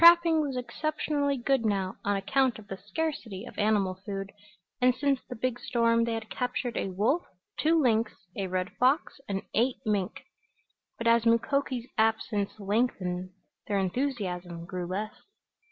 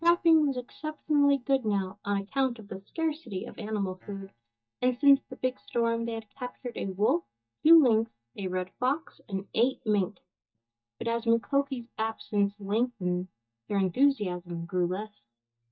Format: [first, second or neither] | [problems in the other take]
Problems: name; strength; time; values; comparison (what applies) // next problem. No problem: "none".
first | noise reduction (neural mask model DeepFilterNet 3)